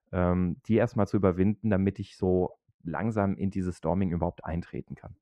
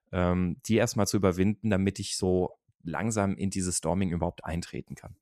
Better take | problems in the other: second | muffled; very; fading above 3.5 kHz

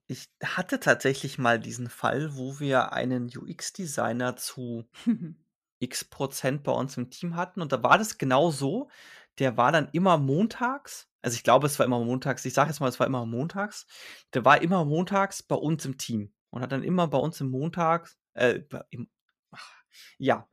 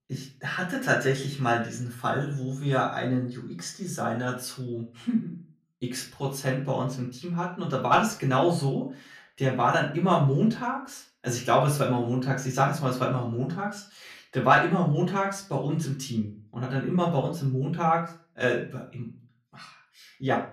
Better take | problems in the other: first | room echo; slight; dies away in 0.4 s // off-mic speech; far

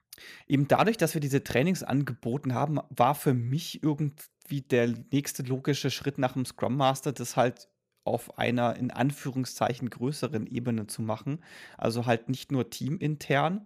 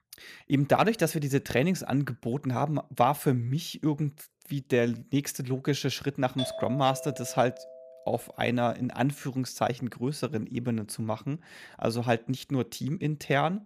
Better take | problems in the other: first | doorbell; noticeable; from 6.5 to 8 s; peak 6 dB below the speech

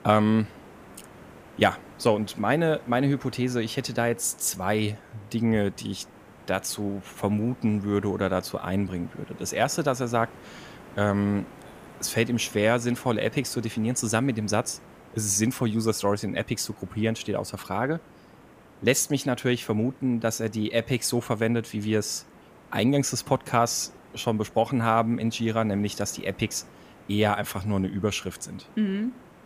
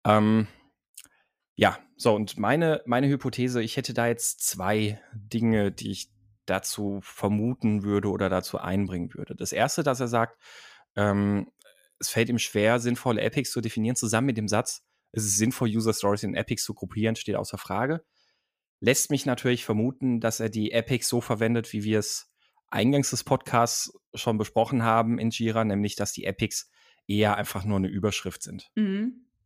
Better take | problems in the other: second | hiss; faint; throughout; 20 dB below the speech

